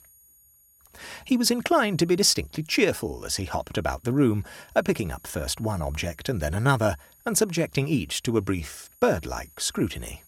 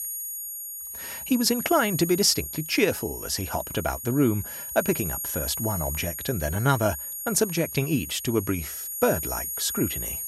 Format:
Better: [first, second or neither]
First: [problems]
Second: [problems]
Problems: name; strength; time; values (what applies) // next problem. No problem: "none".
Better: first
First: high-pitched whine; faint; throughout; 11.5 kHz, 30 dB below the speech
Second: high-pitched whine; loud; throughout; 11.5 kHz, 6 dB below the speech